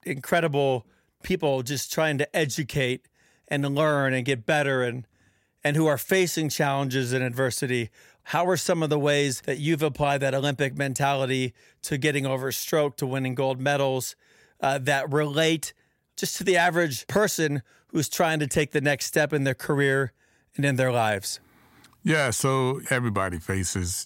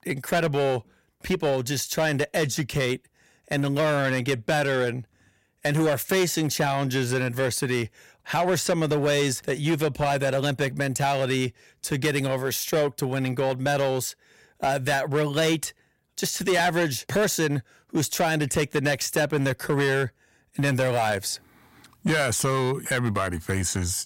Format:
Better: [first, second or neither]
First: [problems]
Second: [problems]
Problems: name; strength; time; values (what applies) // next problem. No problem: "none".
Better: first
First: none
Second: distortion; slight; 9% of the sound clipped